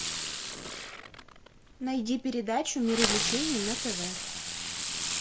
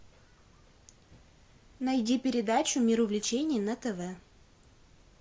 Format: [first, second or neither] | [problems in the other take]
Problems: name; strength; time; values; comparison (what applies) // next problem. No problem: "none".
second | background sound (Fireworks); 1 dB below the speech